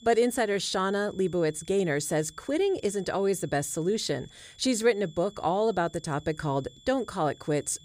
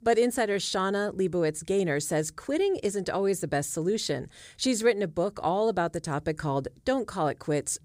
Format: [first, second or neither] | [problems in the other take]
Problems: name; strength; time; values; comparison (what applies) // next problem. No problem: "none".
second | high-pitched whine; faint; throughout; 3.5 kHz, 25 dB below the speech